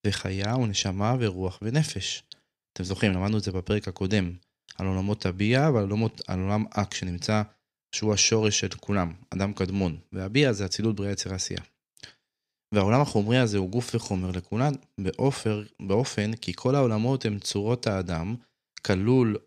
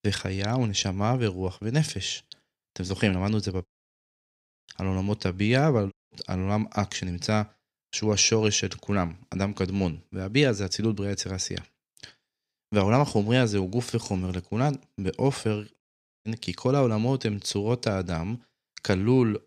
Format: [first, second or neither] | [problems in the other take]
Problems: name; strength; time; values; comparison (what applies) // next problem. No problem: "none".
first | audio cutting out; at 3.5 s for 1 s, at 6 s and at 16 s